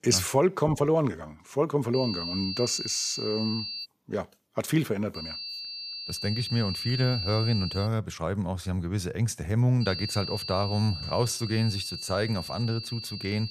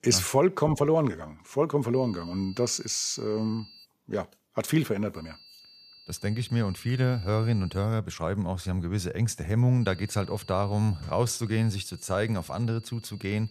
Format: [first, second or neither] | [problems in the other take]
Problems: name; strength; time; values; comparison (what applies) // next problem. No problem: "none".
second | high-pitched whine; loud; from 2 to 4 s, from 5 to 8 s and from 10 s on; 4.5 kHz, 6 dB below the speech; faint in the second